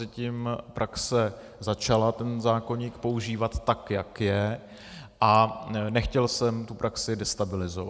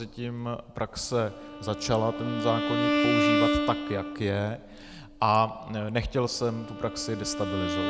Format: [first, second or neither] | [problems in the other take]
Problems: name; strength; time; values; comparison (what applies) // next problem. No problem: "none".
first | background sound (Bowed string instrument); 1 dB below the speech